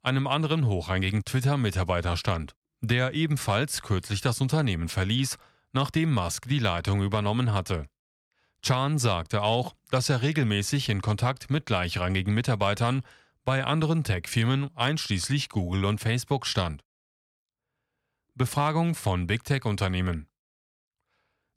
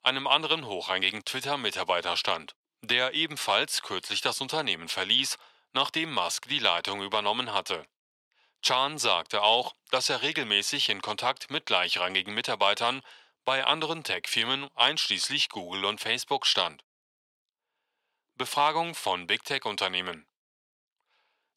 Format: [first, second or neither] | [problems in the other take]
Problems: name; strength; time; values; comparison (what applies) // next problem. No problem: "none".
first | thin; very; fading below 450 Hz